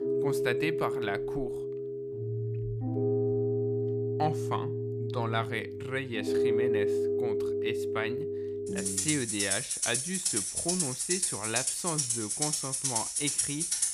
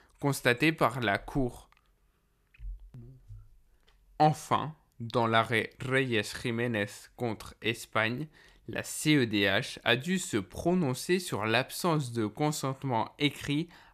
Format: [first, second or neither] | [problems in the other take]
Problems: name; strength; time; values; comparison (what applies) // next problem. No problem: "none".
second | background music; very loud; throughout; 5 dB above the speech